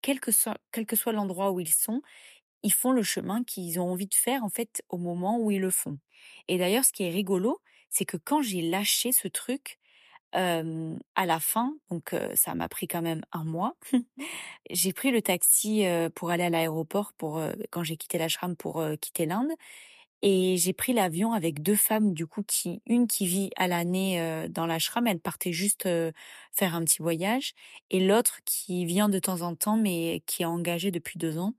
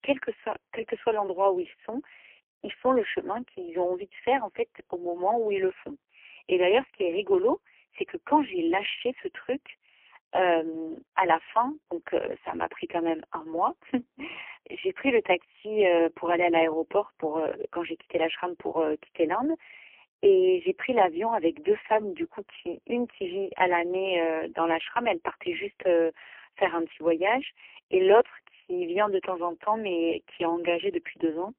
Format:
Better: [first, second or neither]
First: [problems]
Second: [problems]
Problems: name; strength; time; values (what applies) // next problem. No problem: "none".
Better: first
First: none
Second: phone-call audio; poor line; nothing above 3 kHz